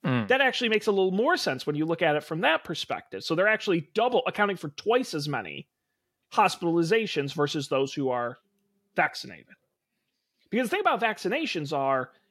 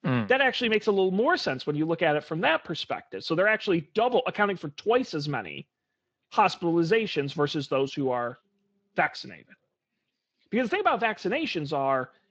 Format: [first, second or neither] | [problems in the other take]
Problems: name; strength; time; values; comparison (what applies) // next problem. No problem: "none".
first | garbled, watery; slightly